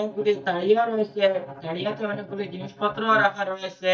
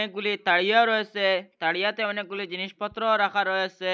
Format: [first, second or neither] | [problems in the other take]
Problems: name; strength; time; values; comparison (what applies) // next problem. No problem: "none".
second | noise reduction (neural mask model DeepFilterNet 3)